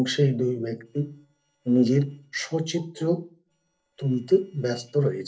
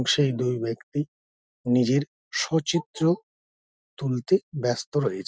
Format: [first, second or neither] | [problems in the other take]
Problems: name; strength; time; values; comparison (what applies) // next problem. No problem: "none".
second | noise reduction (neural separator model SepFormer DNS4)